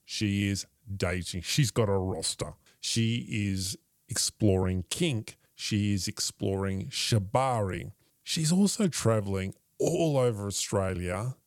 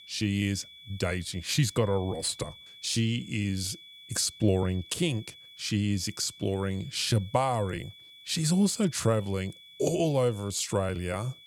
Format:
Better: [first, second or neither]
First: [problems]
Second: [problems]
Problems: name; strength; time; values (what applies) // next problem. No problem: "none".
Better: first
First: none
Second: high-pitched whine; noticeable; throughout; 3.5 kHz, 20 dB below the speech